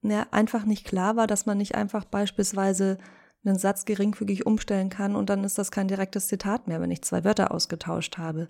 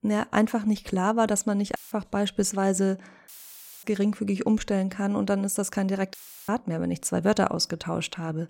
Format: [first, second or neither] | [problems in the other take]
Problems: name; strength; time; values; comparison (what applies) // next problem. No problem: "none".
first | audio cutting out; filled with static; at 2 s, at 3.5 s for 0.5 s and at 6 s